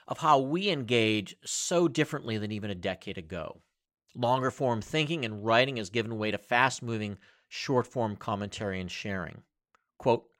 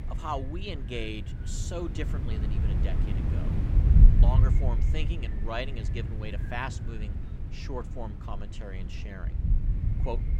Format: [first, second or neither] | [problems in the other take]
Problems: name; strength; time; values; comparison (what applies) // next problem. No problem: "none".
first | wind noise on the microphone; heavy; 6 dB below the speech